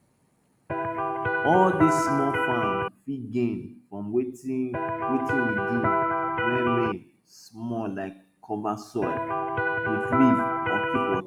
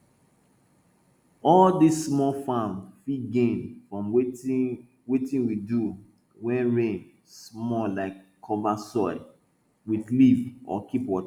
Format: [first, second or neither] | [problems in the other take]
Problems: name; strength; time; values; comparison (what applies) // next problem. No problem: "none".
second | background sound (Electric guitar); 3 dB above the speech